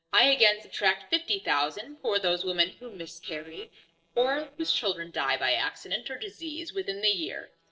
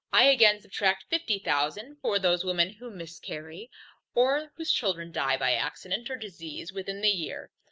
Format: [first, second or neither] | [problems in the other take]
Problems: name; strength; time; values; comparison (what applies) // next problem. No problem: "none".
second | noise reduction (neural separator model SepFormer DNS4)